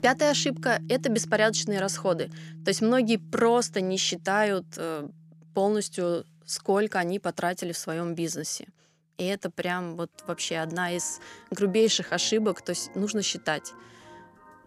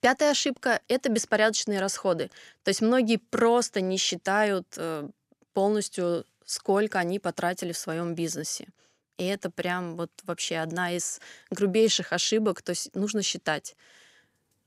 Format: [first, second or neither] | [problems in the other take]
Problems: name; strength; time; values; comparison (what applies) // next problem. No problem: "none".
second | background music; noticeable; throughout; 20 dB below the speech